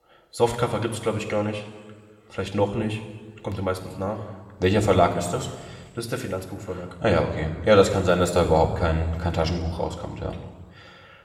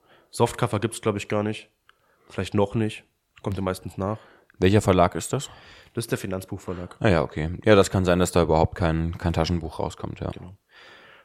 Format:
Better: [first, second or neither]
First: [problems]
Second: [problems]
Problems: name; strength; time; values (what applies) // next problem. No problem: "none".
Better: second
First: room echo; slight; dies away in 1.4 s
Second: none